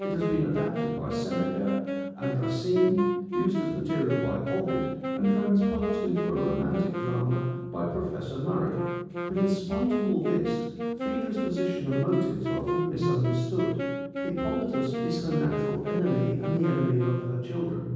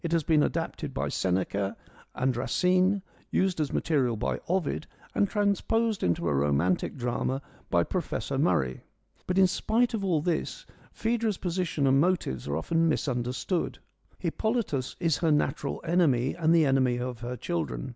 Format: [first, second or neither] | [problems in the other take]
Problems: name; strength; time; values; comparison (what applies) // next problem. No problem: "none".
second | background sound (Wind instrument, woodwind instrument); 4 dB below the speech // room echo; dies away in 1.3 s